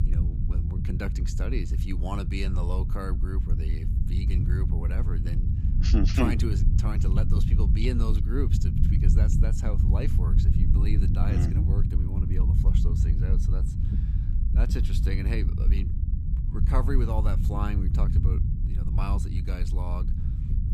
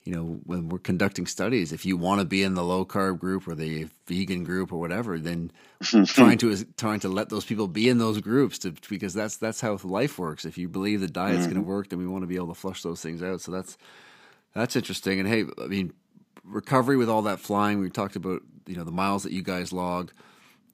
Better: second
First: low rumble; loud; throughout; 3 dB below the speech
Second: none

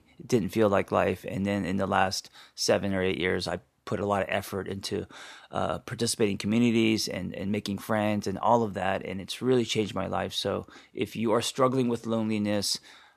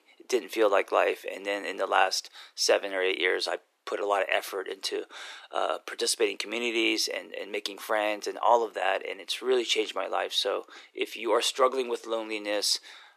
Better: first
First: none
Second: thin; very; fading below 350 Hz

